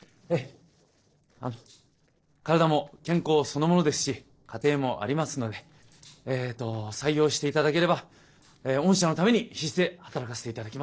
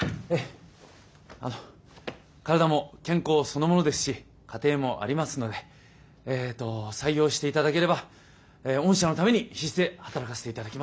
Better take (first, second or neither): second